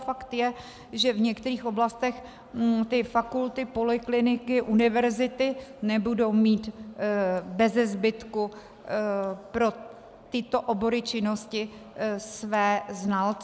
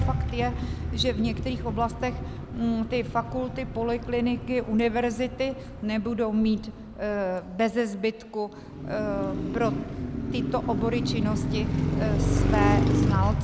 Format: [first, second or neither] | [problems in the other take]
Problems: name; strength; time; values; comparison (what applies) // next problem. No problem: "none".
first | background sound (Car passing by); as loud as the speech